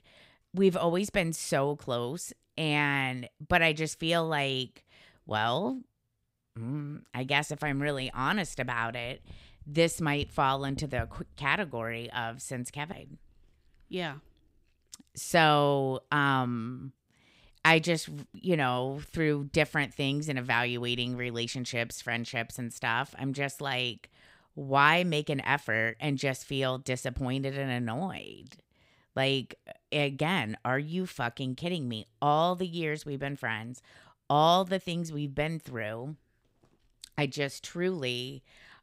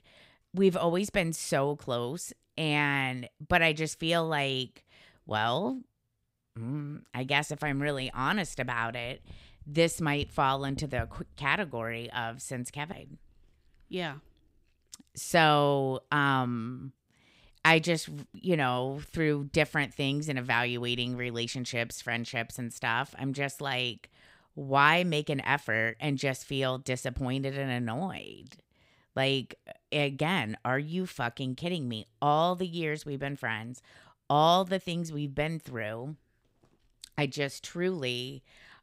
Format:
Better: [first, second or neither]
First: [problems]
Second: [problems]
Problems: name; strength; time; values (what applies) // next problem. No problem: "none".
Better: neither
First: none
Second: none